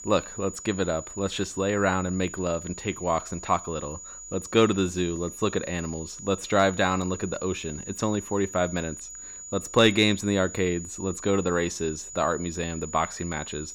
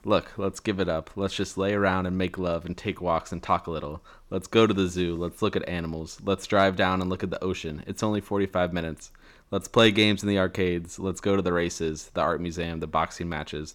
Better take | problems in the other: second | high-pitched whine; noticeable; throughout; 7 kHz, 10 dB below the speech

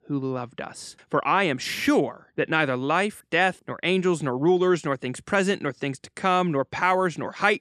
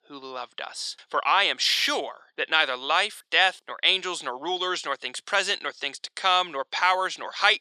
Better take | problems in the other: first | thin; very; fading below 800 Hz

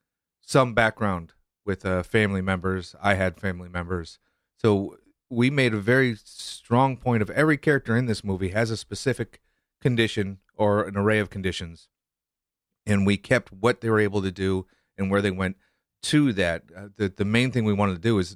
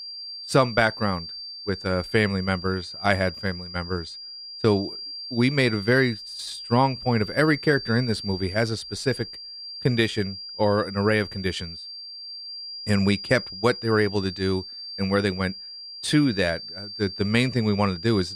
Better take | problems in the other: first | high-pitched whine; noticeable; throughout; 4.5 kHz, 10 dB below the speech

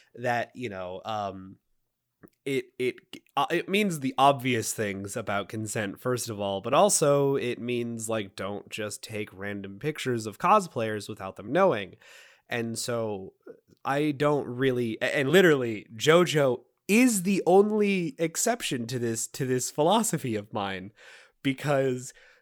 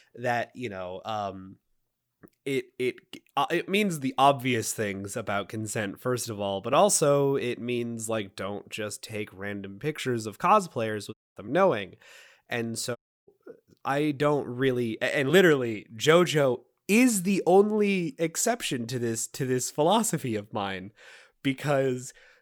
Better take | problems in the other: first | audio cutting out; at 11 s and at 13 s

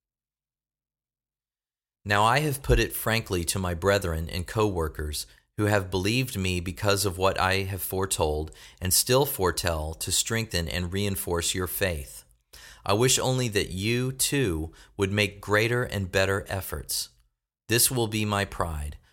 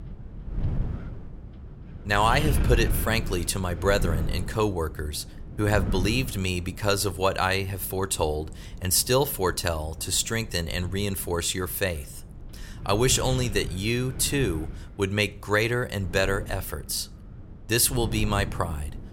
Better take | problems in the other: first | wind noise on the microphone; occasional gusts; 15 dB below the speech

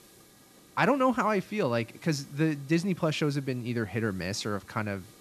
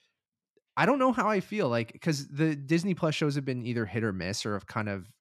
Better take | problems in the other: second | hiss; faint; throughout; 25 dB below the speech

